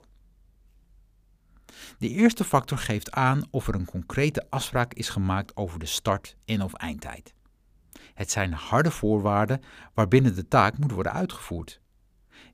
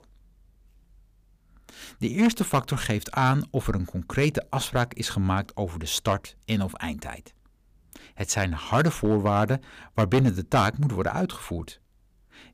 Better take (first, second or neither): first